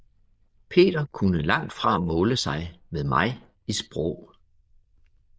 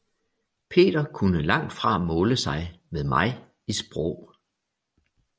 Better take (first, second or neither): second